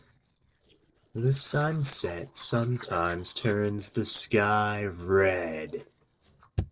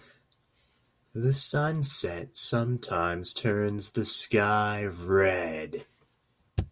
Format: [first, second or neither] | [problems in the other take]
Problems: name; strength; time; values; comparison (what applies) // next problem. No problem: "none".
second | noise reduction (neural separator model SepFormer DNS4)